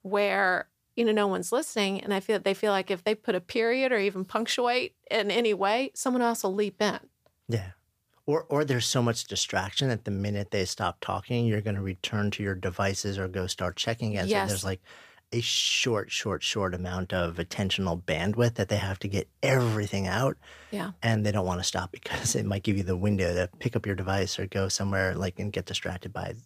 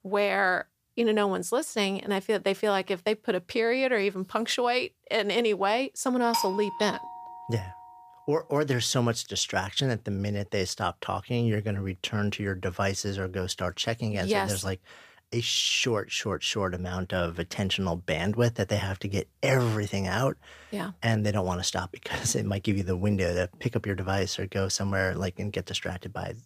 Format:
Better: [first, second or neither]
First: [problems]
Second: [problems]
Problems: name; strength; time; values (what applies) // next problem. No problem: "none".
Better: first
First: none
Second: doorbell; noticeable; from 6.5 to 7.5 s; peak 2 dB below the speech